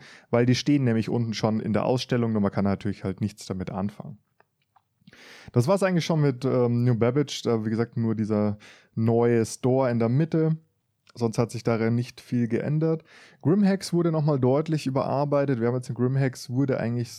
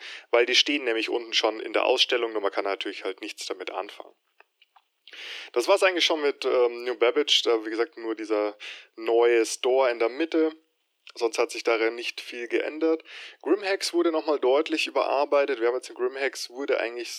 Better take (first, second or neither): first